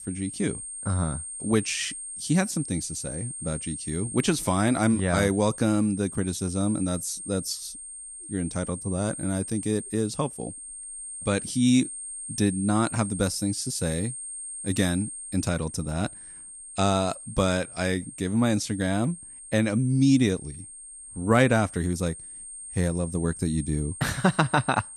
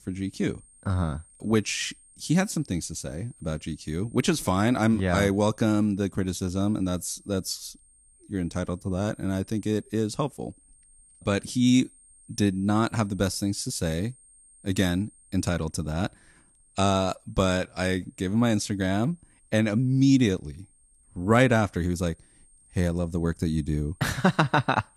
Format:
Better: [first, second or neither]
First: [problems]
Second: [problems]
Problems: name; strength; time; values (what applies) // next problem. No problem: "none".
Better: second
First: high-pitched whine; loud; throughout; 8.5 kHz, 10 dB below the speech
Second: high-pitched whine; faint; throughout; 8.5 kHz, 30 dB below the speech